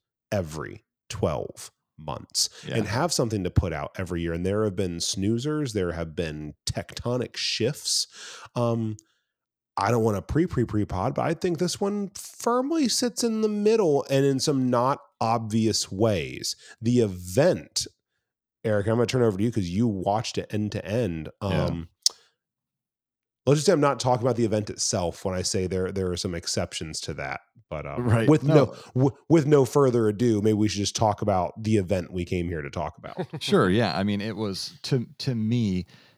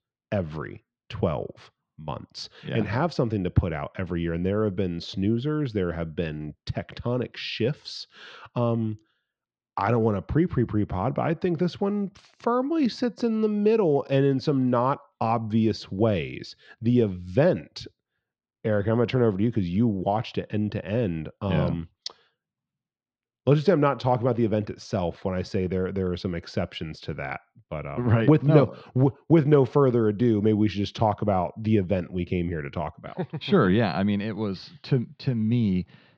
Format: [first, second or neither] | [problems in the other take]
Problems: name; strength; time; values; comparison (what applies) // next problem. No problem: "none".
first | muffled; slightly; fading above 3.5 kHz